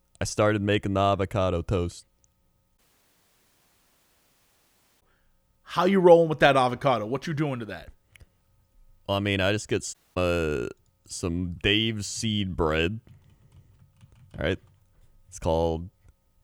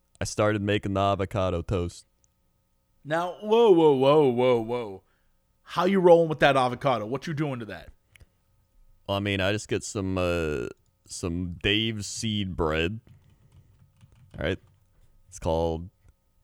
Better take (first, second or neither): second